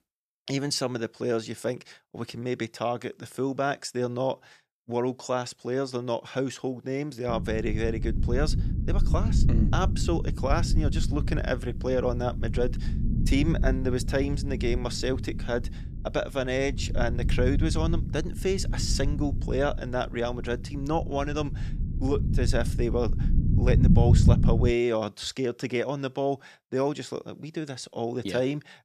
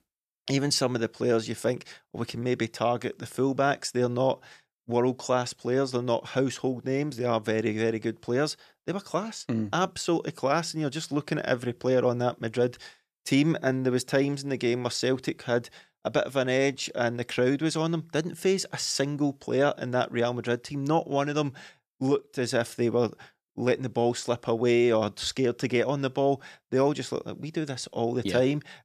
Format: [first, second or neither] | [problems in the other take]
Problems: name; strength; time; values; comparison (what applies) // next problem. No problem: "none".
second | low rumble; loud; from 7.5 to 25 s; 10 dB below the speech